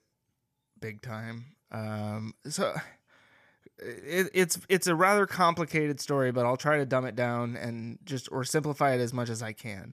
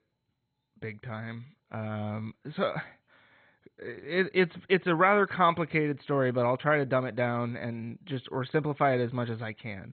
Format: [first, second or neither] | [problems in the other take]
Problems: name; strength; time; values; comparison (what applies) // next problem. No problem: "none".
first | garbled, watery; badly; nothing above 4 kHz